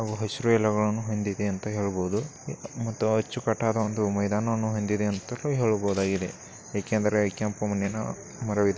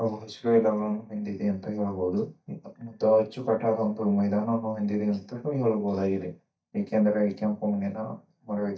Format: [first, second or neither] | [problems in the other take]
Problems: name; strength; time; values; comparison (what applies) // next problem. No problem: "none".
first | noise reduction (neural mask model DeepFilterNet 3)